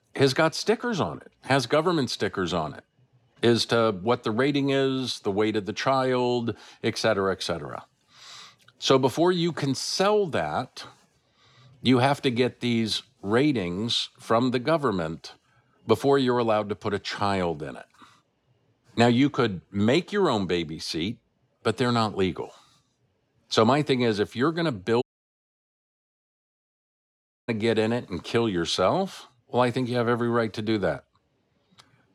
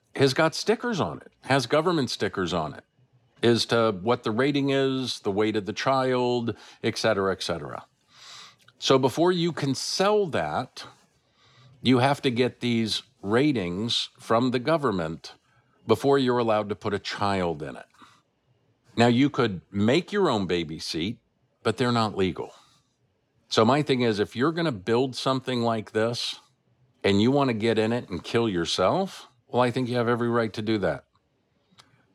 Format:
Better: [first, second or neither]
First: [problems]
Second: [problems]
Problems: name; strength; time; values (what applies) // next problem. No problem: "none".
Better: second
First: audio cutting out; at 25 s for 2.5 s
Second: none